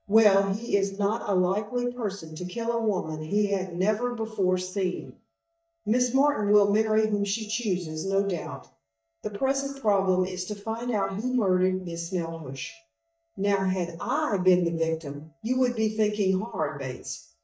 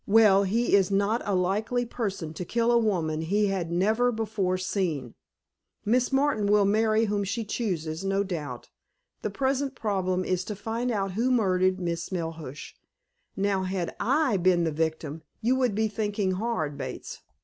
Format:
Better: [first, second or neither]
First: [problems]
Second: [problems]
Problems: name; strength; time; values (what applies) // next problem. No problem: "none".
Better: second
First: noise reduction (neural mask model DeepFilterNet 3)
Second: none